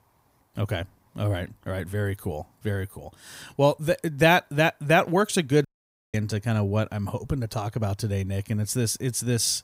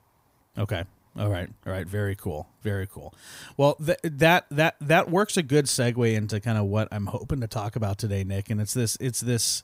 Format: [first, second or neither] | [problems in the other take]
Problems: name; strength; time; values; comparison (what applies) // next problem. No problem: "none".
second | audio cutting out; at 5.5 s